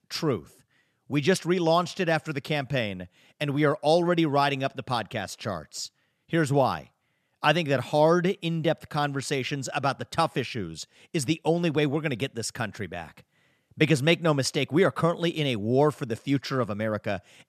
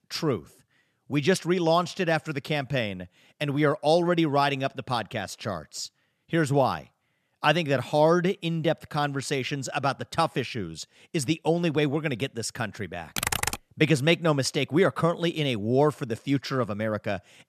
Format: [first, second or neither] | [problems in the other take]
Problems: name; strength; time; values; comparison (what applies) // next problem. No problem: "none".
first | keyboard typing; noticeable; at 13 s; peak level with the speech